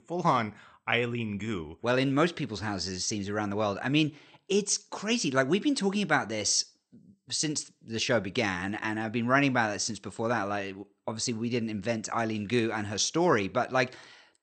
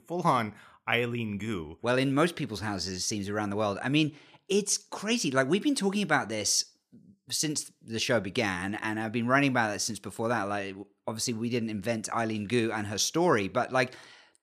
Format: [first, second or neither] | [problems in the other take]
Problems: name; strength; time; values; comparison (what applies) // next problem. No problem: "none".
second | garbled, watery; slightly; nothing above 8.5 kHz